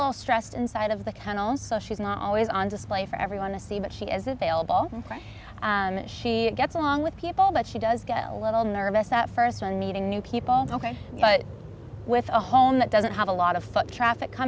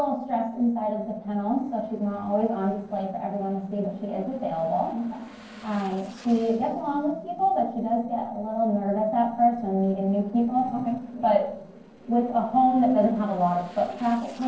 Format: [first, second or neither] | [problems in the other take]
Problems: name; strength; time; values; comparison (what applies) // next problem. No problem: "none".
first | noise reduction (neural separator model SepFormer DNS4)